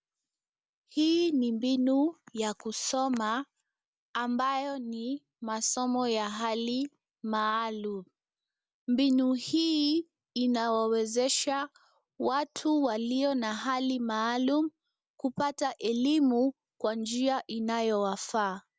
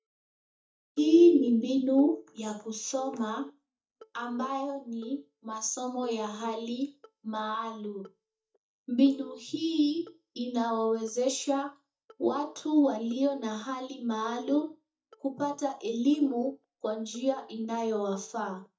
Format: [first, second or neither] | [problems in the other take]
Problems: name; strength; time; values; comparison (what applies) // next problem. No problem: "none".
first | noise reduction (neural mask model DeepFilterNet 3)